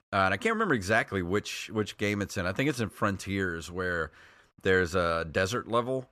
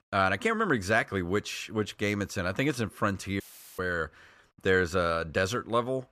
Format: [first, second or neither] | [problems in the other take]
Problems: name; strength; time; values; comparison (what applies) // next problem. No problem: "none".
first | audio cutting out; filled with static; at 3.5 s